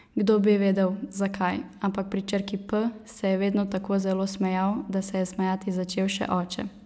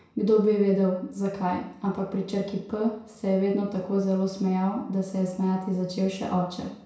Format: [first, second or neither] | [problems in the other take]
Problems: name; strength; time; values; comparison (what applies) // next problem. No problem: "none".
first | room echo; dies away in 0.6 s